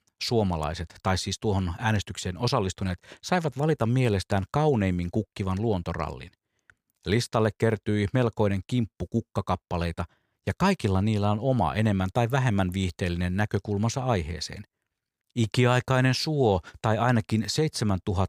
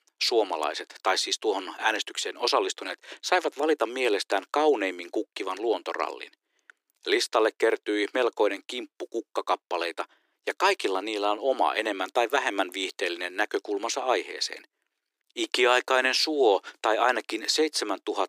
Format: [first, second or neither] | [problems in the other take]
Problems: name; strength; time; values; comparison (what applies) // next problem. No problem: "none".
first | thin; very; fading below 300 Hz